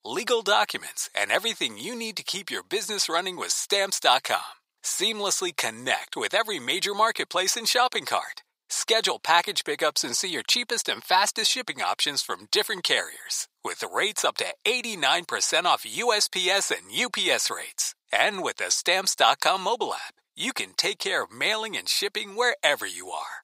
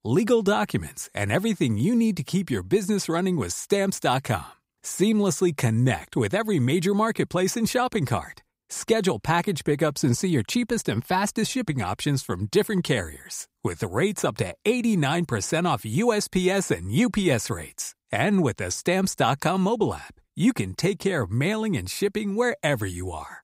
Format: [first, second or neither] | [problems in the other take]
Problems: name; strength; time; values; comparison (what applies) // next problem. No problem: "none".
second | thin; very; fading below 750 Hz